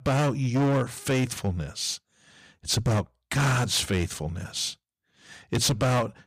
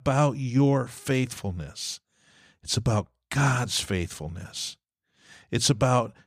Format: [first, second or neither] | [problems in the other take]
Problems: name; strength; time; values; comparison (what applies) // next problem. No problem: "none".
second | distortion; heavy; 12% of the sound clipped